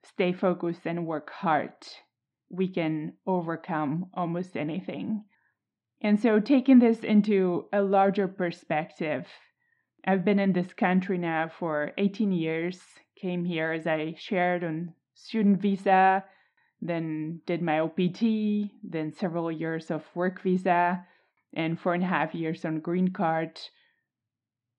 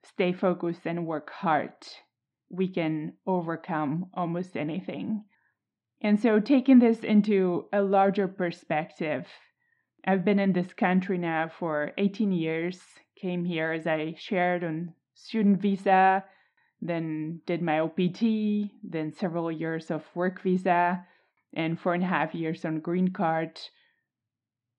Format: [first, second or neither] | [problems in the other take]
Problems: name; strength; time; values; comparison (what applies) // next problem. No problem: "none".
neither | muffled; slightly; fading above 3 kHz; the same in both